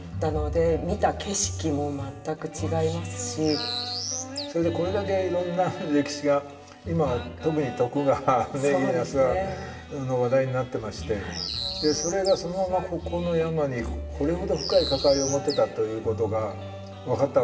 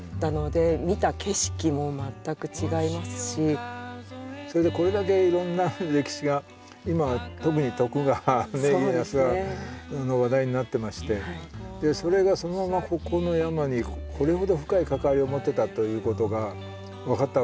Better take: second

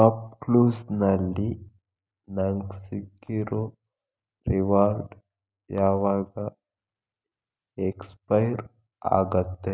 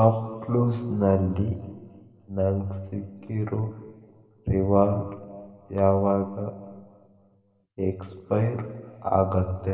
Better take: first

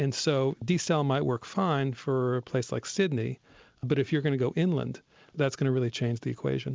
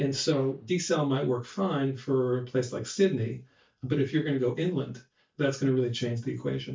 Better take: first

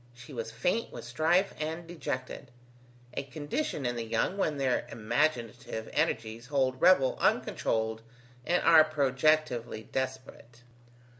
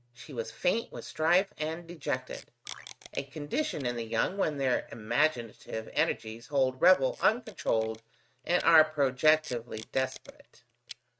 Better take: first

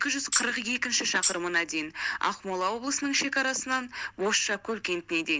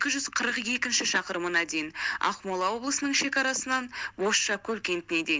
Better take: second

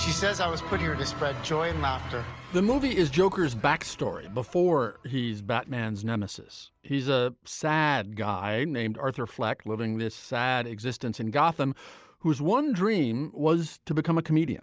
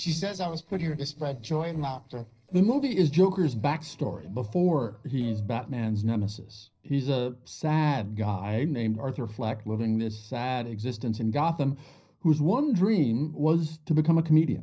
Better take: first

